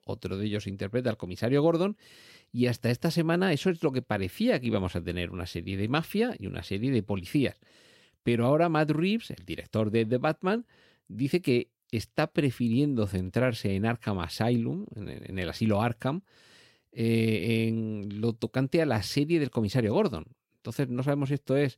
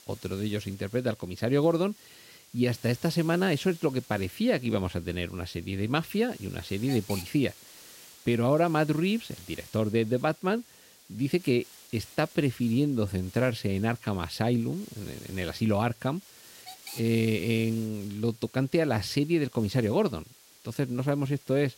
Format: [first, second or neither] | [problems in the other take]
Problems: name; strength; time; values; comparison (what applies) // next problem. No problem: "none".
first | hiss; noticeable; throughout; 20 dB below the speech